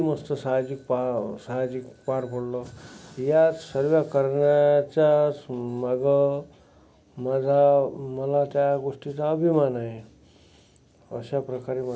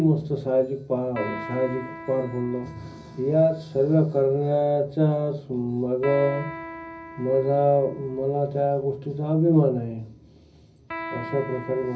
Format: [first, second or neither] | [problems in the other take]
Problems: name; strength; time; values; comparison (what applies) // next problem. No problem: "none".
first | background sound (Electric guitar); 16 dB below the speech // room echo; dies away in 0.4 s